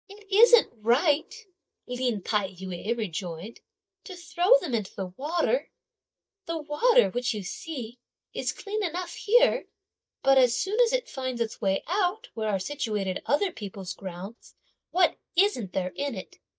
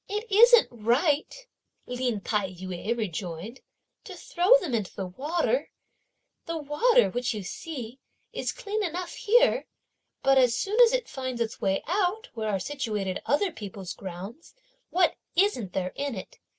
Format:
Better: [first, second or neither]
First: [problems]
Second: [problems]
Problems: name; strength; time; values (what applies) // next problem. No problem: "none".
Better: second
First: noise reduction (neural mask model DeepFilterNet 3)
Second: none